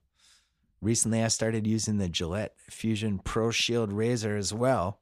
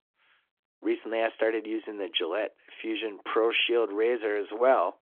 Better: first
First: none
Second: phone-call audio; nothing above 3.5 kHz

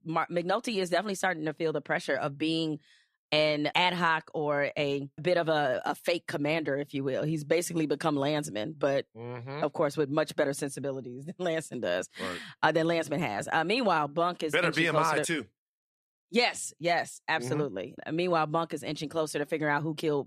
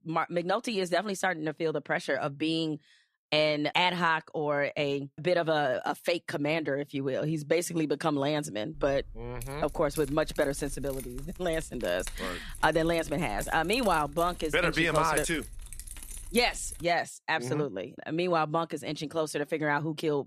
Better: first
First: none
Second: jangling keys; noticeable; from 9 to 17 s; peak 8 dB below the speech

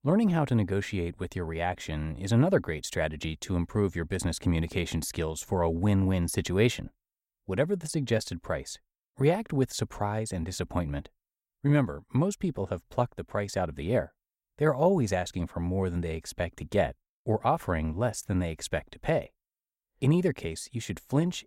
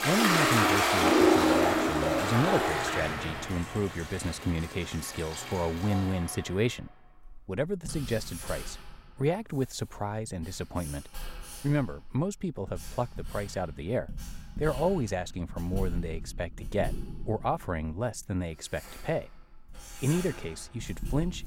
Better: first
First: none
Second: household noises; very loud; throughout; 3 dB above the speech

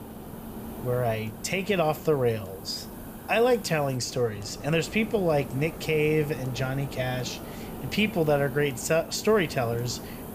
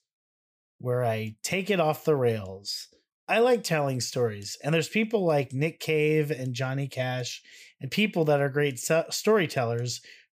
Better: second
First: hiss; noticeable; throughout; 15 dB below the speech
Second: none

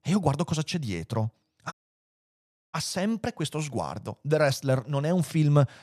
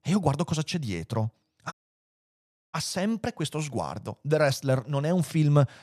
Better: neither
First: audio cutting out; at 1.5 s for 1 s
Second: audio cutting out; at 1.5 s for 1 s

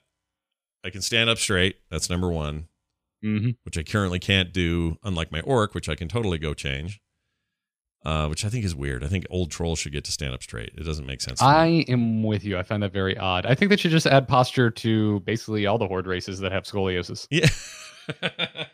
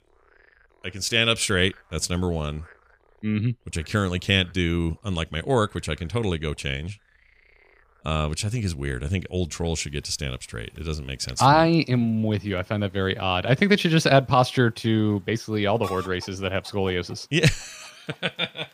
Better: first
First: none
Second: animal sounds; faint; throughout; 25 dB below the speech

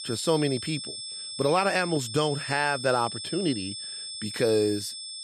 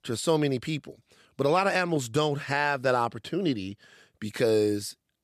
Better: second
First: high-pitched whine; loud; throughout; 5.5 kHz, 8 dB below the speech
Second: none

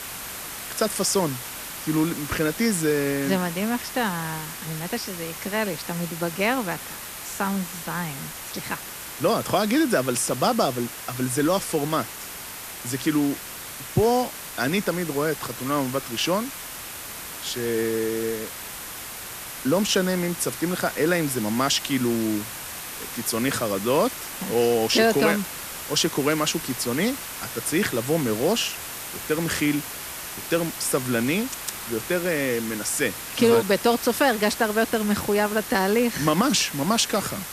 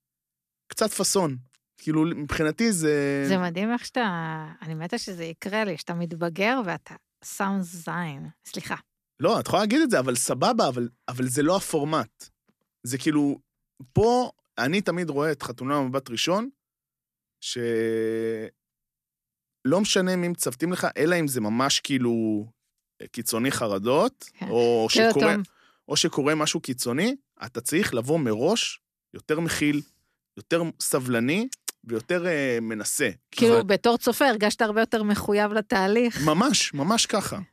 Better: second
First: hiss; loud; throughout; 9 dB below the speech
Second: none

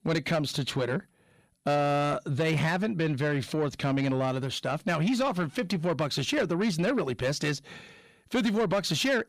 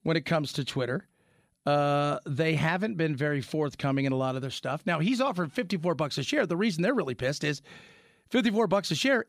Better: second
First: distortion; slight; 10 dB below the speech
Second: none

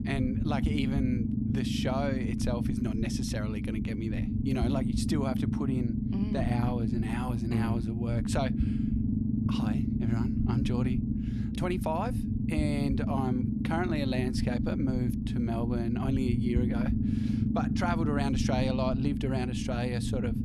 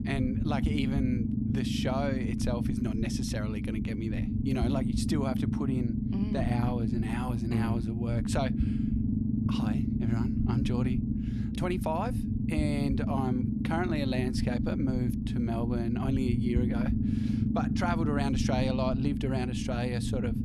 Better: neither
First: low rumble; loud; throughout; 2 dB below the speech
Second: low rumble; loud; throughout; 2 dB below the speech

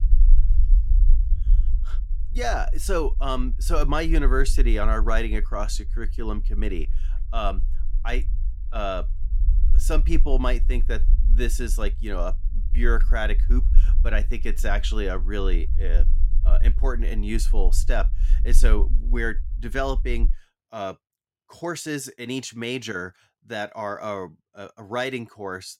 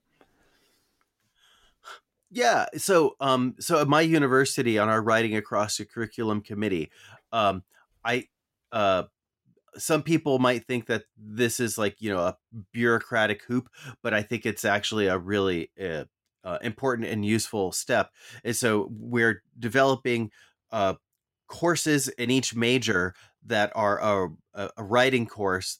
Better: second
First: low rumble; noticeable; until 20 s; 20 dB below the speech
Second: none

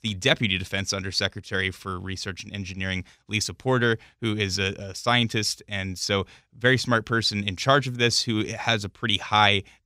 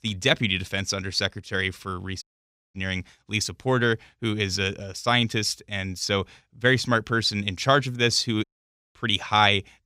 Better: first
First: none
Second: audio cutting out; at 2 s for 0.5 s and at 8.5 s for 0.5 s

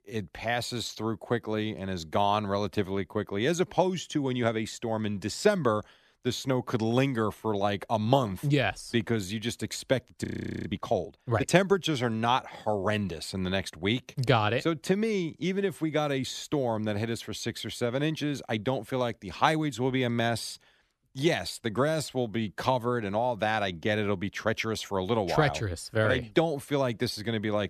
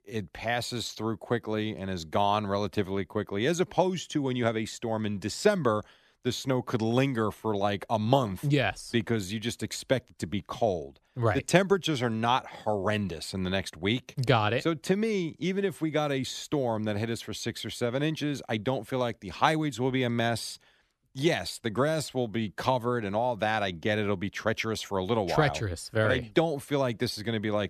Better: second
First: audio freezing; at 10 s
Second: none

